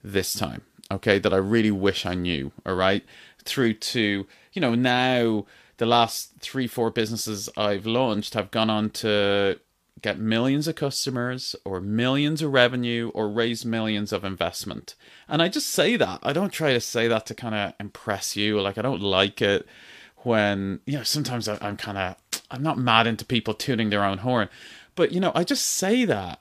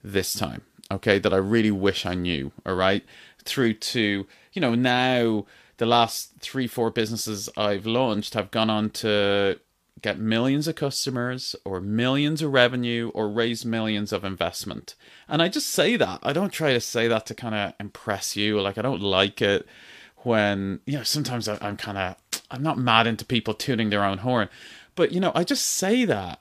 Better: neither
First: none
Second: none

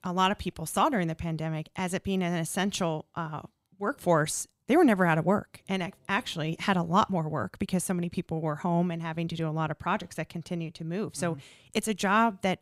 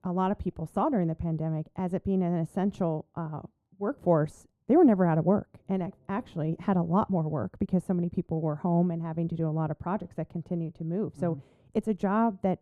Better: first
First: none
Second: muffled; very; fading above 1.5 kHz

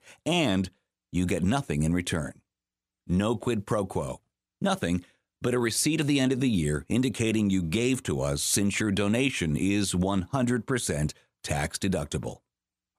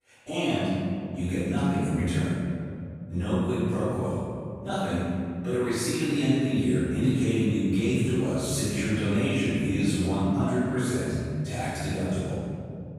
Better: first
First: none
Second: off-mic speech; far // room echo; strong; dies away in 2.6 s

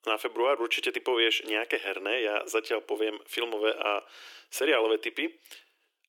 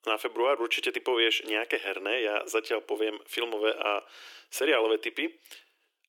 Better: neither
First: thin; very; fading below 300 Hz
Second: thin; very; fading below 300 Hz

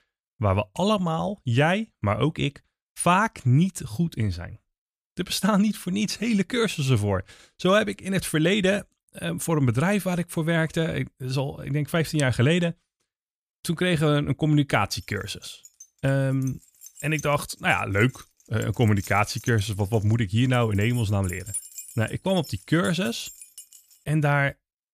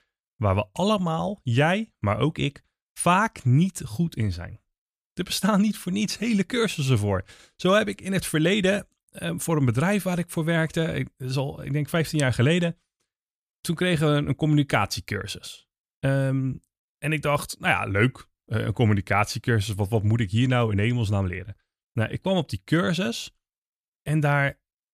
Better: second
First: jangling keys; noticeable; from 16 to 24 s; peak 8 dB below the speech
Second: none

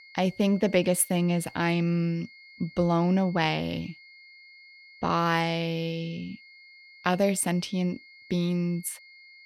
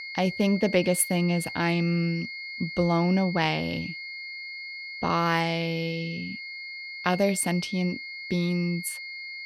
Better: first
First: high-pitched whine; faint; throughout; 2 kHz, 20 dB below the speech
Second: high-pitched whine; loud; throughout; 2 kHz, 9 dB below the speech

